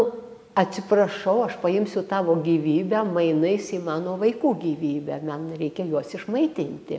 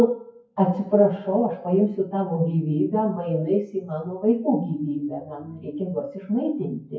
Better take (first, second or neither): first